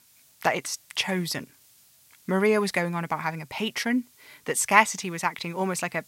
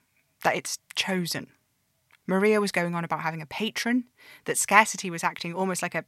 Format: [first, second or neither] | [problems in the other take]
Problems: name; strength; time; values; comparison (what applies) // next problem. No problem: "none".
second | hiss; faint; throughout; 30 dB below the speech